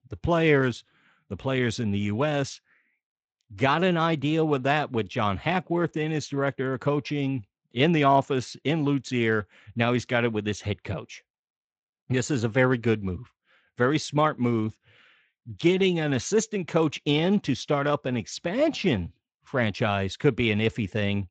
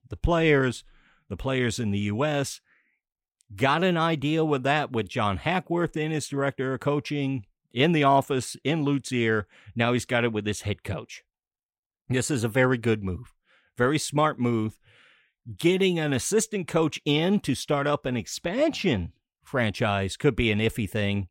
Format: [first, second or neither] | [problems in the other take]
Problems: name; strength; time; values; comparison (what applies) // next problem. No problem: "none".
second | garbled, watery; slightly; nothing above 7.5 kHz